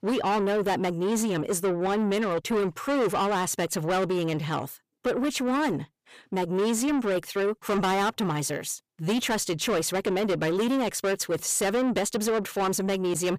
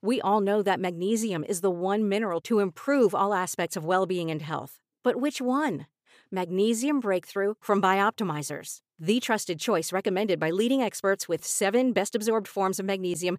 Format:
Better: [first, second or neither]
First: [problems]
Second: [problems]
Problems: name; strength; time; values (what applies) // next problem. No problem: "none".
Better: second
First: distortion; heavy; 8 dB below the speech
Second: none